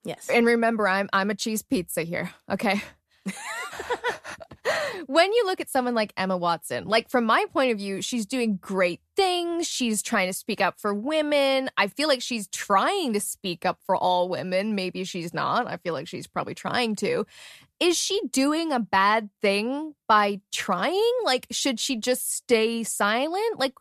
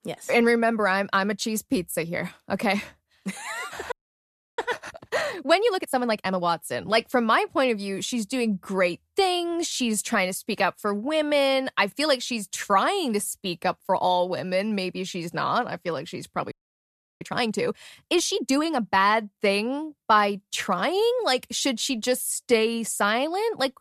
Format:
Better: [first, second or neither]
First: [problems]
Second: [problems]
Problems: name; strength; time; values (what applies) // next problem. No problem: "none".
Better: first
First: none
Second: audio freezing; at 4 s for 0.5 s and at 17 s for 0.5 s